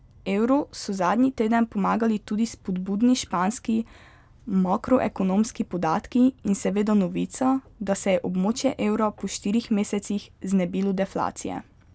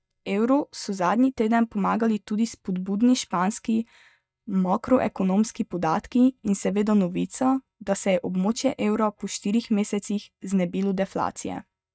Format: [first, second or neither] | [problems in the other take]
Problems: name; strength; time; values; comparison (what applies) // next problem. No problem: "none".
first | noise reduction (neural mask model DeepFilterNet 3)